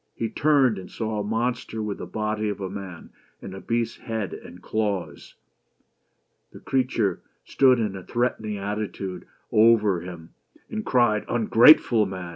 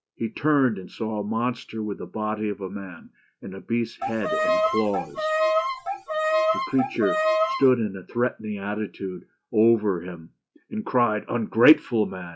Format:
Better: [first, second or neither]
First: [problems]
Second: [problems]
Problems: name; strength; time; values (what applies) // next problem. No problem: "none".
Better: first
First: none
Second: noise reduction (classical method log-MMSE)